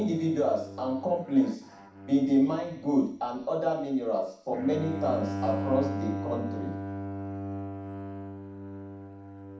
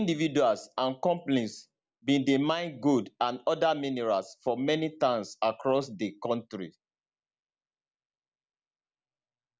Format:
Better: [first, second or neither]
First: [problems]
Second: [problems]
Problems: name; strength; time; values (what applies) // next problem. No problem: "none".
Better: second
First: background sound (Bowed string instrument); 8 dB below the speech // room echo; dies away in 0.7 s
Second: none